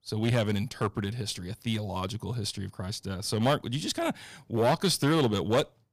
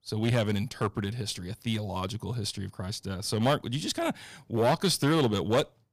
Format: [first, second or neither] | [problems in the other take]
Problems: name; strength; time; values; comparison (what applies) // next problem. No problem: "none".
neither | distortion; slight; 4% of the sound clipped; the same in both